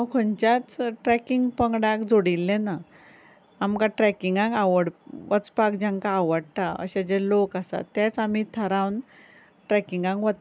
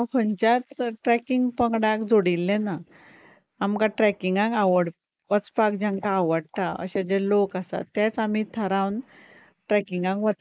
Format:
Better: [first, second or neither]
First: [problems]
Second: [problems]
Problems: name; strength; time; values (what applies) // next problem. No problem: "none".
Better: first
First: none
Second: noise reduction (neural mask model Resemble Enhance denoiser)